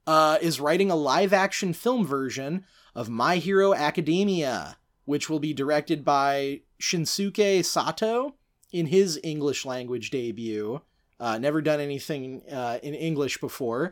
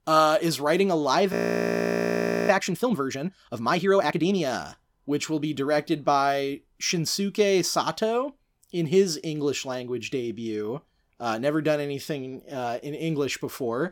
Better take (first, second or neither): first